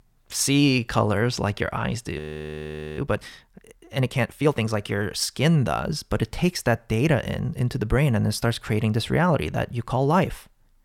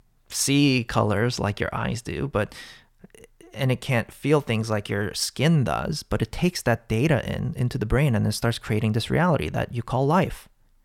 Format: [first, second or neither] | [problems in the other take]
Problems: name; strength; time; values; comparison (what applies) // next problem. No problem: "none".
second | audio freezing; at 2 s for 1 s